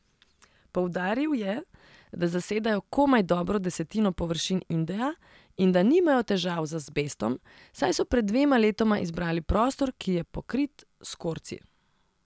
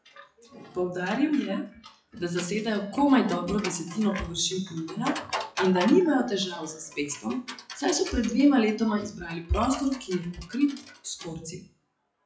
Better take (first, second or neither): first